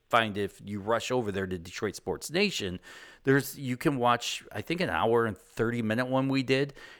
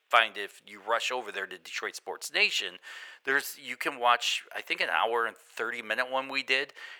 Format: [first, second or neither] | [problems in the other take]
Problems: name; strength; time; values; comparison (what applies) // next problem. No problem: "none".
first | thin; very; fading below 750 Hz